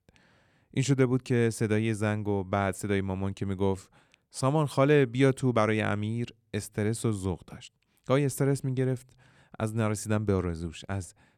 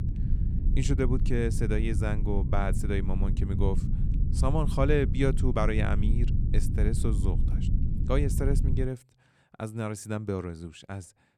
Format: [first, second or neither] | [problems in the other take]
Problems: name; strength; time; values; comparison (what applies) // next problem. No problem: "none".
first | low rumble; loud; until 9 s; 9 dB below the speech